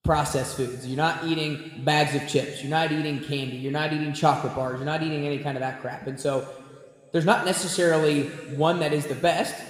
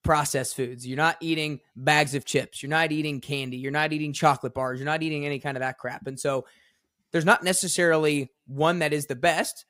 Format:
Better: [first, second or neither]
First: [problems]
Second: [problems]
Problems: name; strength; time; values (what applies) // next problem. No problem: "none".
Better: second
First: room echo; slight; dies away in 1.9 s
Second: none